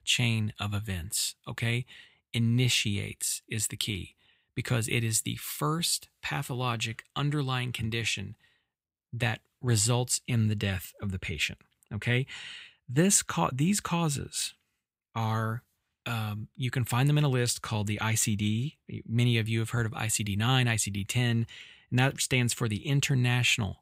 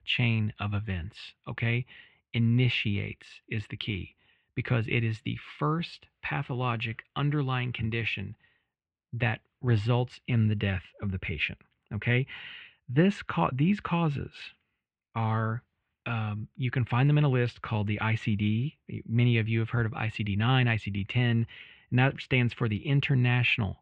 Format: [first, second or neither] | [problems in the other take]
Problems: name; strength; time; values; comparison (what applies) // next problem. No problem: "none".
first | muffled; very; fading above 2.5 kHz